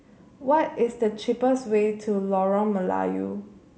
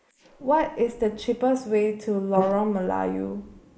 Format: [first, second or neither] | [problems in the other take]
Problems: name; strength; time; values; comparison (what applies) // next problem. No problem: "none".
first | noise reduction (neural mask model Resemble Enhance denoiser)